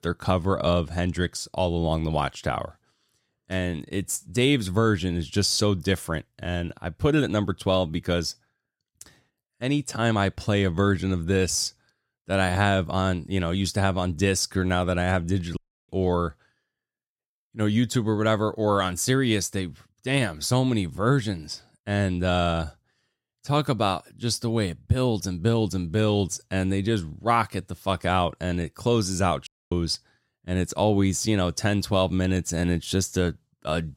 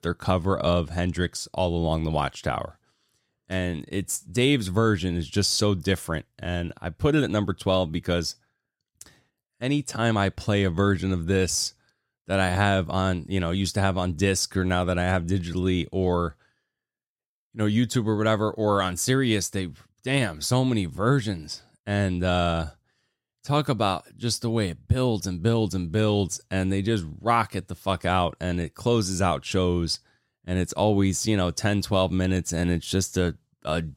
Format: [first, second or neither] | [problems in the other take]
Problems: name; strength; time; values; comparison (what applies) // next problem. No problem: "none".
second | audio cutting out; at 16 s and at 29 s